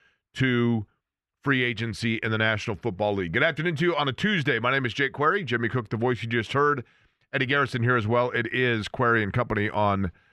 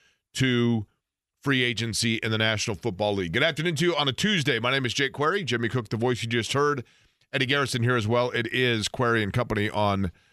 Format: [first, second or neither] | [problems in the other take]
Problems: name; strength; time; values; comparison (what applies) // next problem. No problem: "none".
second | muffled; slightly; fading above 3.5 kHz